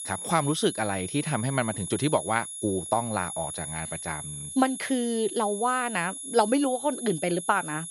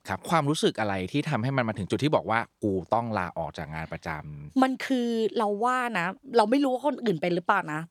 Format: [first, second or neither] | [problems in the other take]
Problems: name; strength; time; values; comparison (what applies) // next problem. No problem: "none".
second | high-pitched whine; loud; throughout; 10.5 kHz, 7 dB below the speech